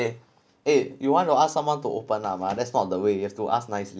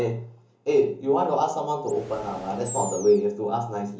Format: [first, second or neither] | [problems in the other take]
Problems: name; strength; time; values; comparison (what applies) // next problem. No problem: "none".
first | background sound (Animal); 13 dB below the speech // room echo; dies away in 0.8 s